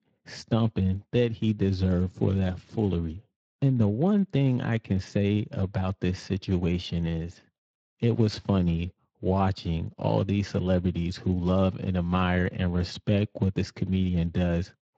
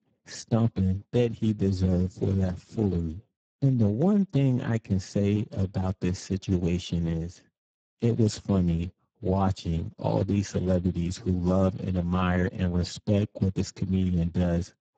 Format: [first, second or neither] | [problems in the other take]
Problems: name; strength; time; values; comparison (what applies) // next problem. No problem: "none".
first | garbled, watery; badly; nothing above 7.5 kHz; slightly in the first